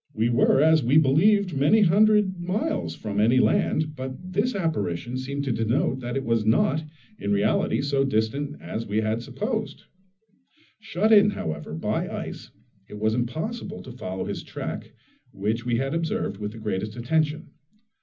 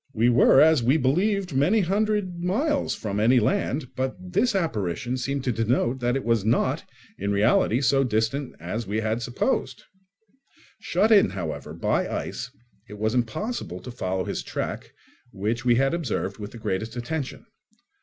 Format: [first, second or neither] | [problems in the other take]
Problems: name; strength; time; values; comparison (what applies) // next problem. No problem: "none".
second | room echo; dies away in 0.4 s